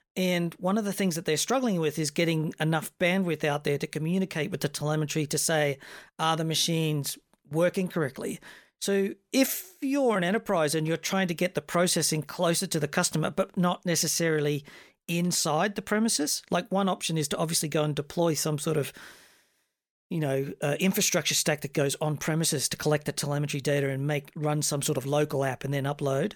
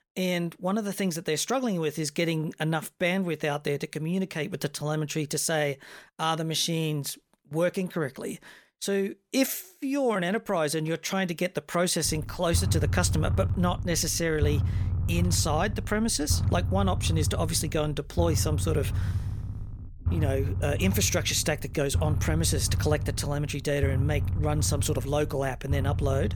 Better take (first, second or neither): first